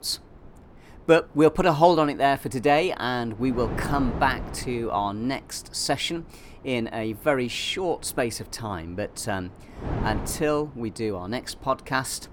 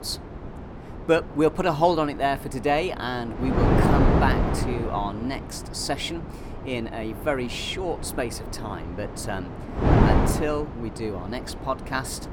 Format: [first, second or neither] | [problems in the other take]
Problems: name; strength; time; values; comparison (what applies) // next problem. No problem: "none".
first | wind noise on the microphone; heavy; 3 dB below the speech; occasional gusts in the first